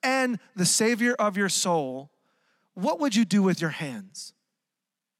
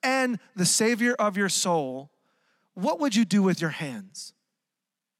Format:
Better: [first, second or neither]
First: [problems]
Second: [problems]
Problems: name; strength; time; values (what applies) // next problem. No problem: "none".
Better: neither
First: none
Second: none